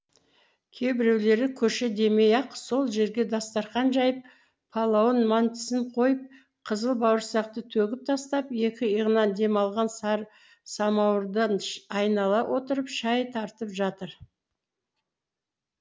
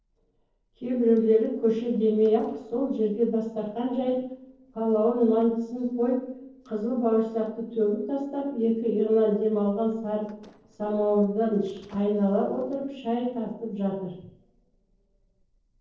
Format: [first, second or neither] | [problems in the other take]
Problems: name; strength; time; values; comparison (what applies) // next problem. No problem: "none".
first | noise reduction (neural separator model SepFormer DNS4)